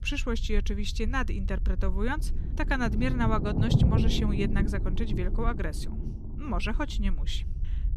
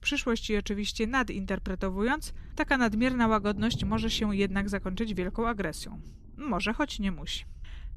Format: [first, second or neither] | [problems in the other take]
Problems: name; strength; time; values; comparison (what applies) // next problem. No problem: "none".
second | low rumble; loud; throughout; 7 dB below the speech; faint in the second